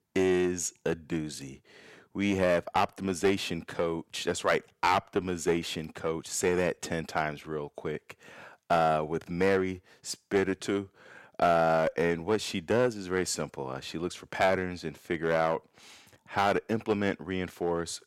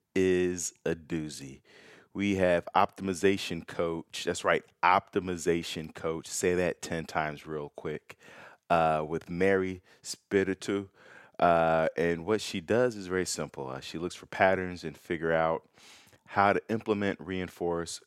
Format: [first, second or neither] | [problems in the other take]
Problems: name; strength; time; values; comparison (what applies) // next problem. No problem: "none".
second | distortion; slight; 3% of the sound clipped